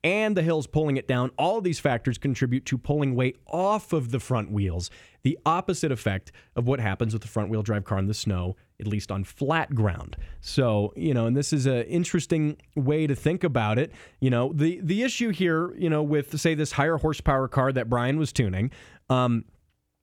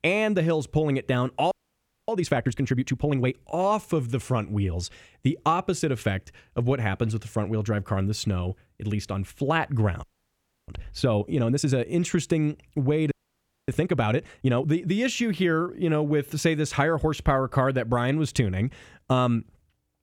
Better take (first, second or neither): first